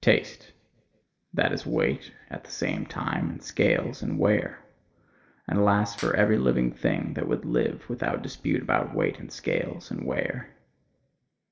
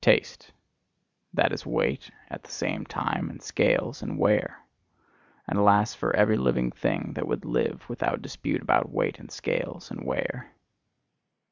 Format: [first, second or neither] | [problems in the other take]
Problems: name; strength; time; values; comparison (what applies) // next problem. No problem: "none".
second | noise reduction (neural separator model SepFormer DNS4)